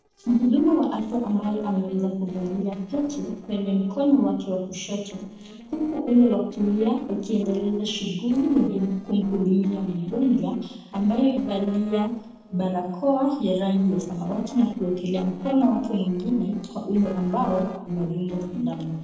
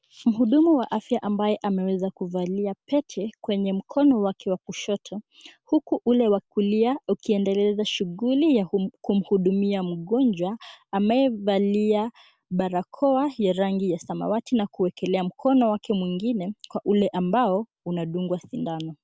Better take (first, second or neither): second